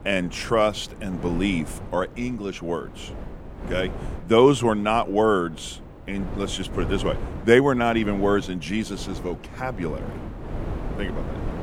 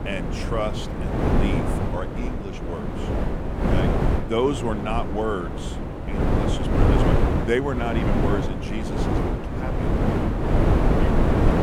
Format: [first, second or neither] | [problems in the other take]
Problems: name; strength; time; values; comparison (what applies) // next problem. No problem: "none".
first | wind noise on the microphone; heavy; 2 dB above the speech; occasional gusts in the first